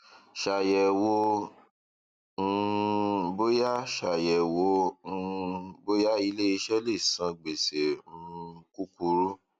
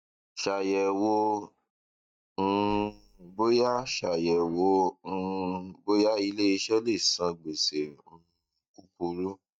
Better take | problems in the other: first | noise reduction (neural mask model DeepFilterNet 3)

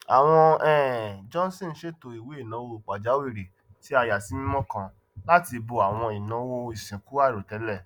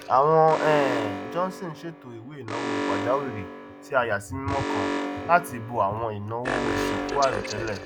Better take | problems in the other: first | background sound (Alarm); 5 dB below the speech

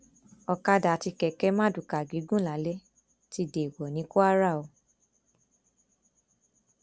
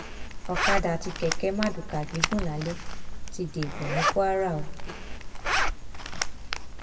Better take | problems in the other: first | background sound (Zipper (clothing)); 2 dB above the speech // room echo; dies away in 0.9 s

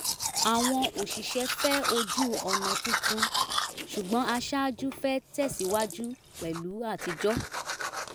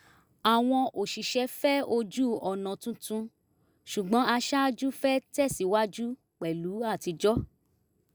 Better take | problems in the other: second | background sound (Domestic sounds, home sounds); 2 dB below the speech

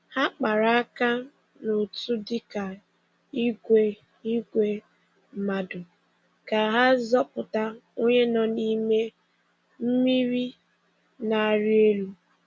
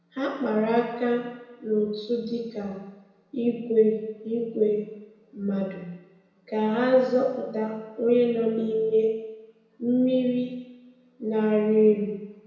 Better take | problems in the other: first | room echo; dies away in 1 s

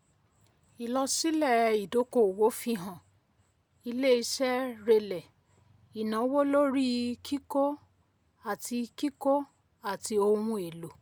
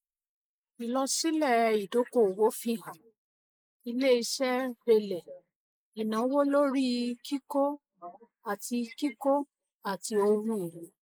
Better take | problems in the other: first | noise reduction (neural mask model Resemble Enhance denoiser)

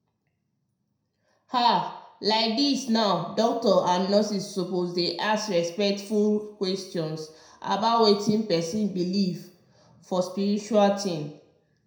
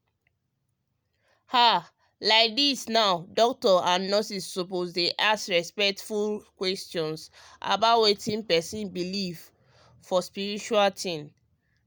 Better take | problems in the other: second | room echo; dies away in 0.5 s

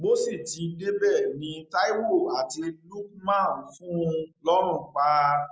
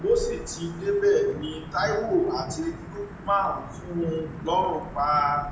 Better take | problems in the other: first | background sound (Thunder / Wind / Rain); 12 dB below the speech // room echo; dies away in 0.5 s

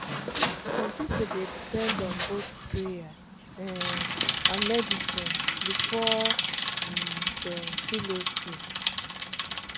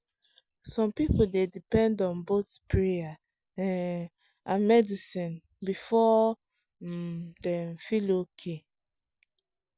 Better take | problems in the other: second | background sound (Bicycle); 4 dB above the speech

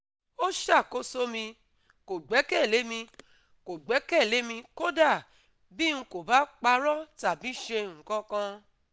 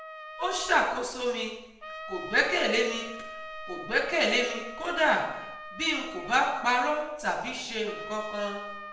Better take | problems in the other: first | background sound (Trumpet); 13 dB below the speech // room echo; dies away in 0.7 s

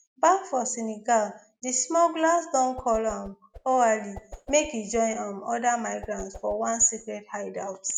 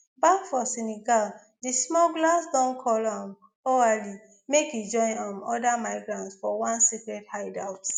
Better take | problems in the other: second | background sound (Whoosh, swoosh, swish); 19 dB below the speech

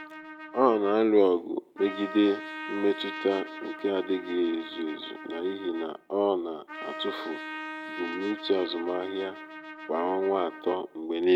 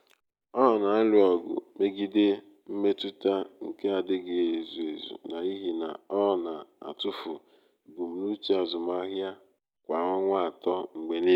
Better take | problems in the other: second | background sound (Trumpet); 12 dB below the speech

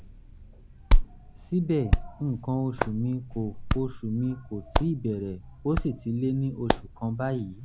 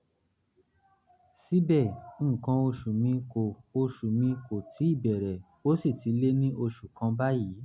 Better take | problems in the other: second | background sound (Hands); 1 dB above the speech

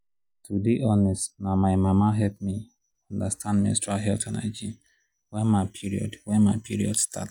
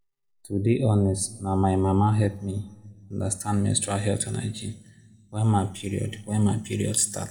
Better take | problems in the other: first | room echo; dies away in 1 s

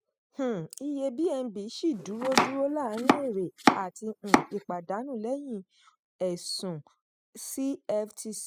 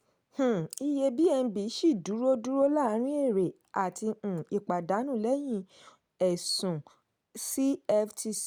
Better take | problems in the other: second | noise reduction (classical method spectral subtraction)

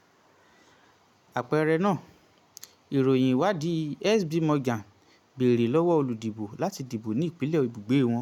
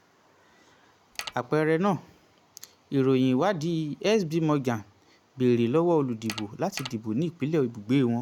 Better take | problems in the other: first | background sound (Mechanisms); 12 dB below the speech

